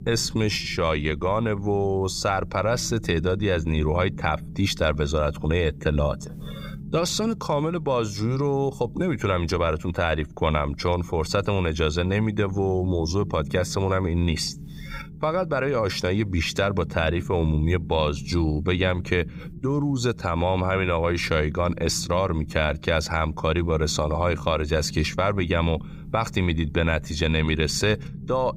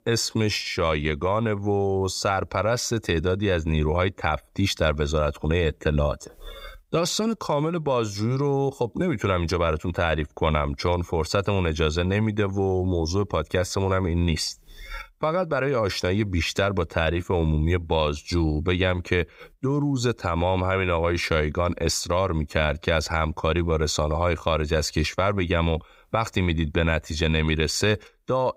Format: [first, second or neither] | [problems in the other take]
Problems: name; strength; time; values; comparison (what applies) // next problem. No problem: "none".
second | low rumble; faint; throughout; 20 dB below the speech